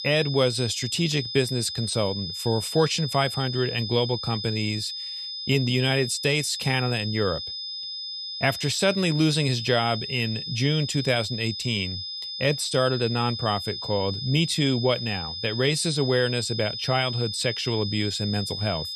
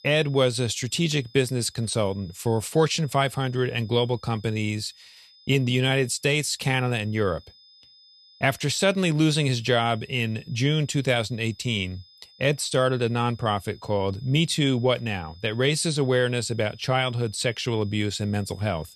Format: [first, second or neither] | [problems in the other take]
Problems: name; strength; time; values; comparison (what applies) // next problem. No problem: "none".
second | high-pitched whine; loud; throughout; 5 kHz, 6 dB below the speech; faint in the second